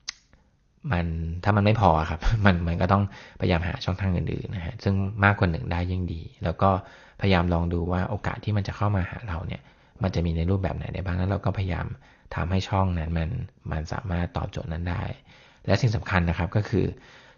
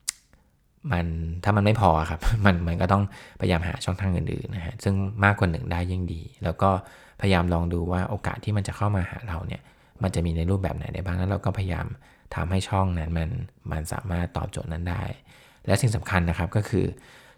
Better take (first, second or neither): second